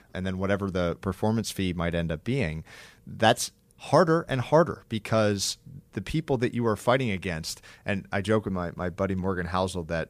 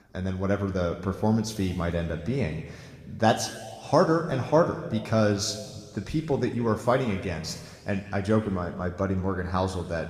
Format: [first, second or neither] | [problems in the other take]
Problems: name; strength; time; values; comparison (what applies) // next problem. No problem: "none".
first | room echo; slight; dies away in 1.6 s